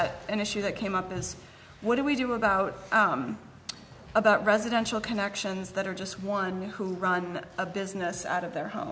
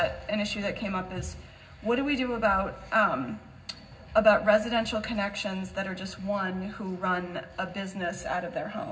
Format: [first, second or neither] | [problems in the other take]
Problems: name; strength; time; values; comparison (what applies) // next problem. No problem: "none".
first | room echo; dies away in 0.4 s